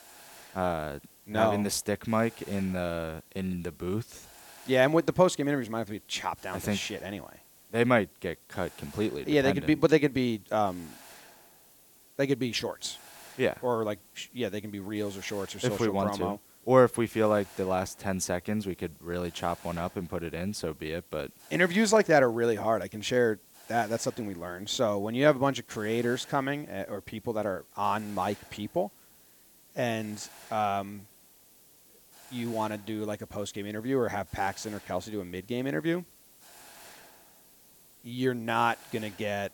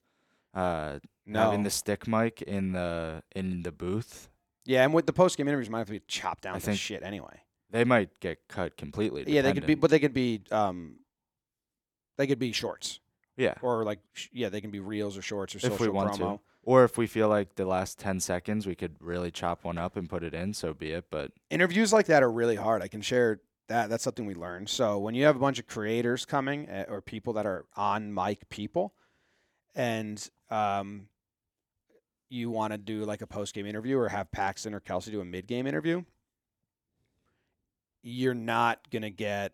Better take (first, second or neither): second